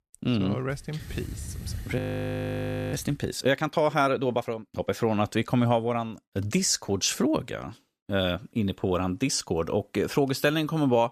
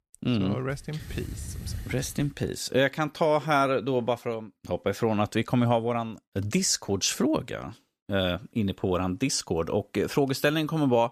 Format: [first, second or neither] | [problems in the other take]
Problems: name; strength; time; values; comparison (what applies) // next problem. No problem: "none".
second | audio freezing; at 2 s for 1 s